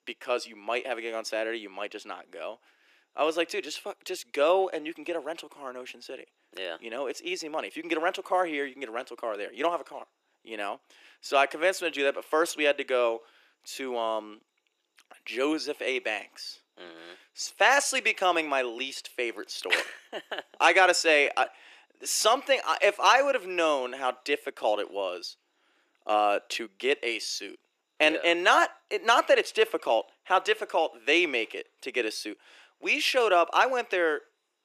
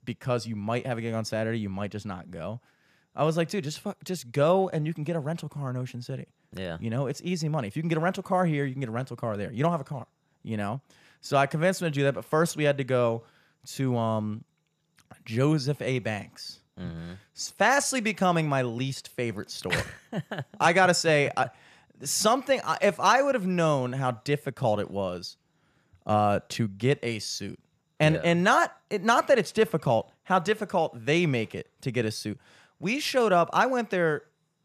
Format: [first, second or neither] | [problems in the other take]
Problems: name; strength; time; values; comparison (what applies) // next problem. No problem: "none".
second | thin; very; fading below 300 Hz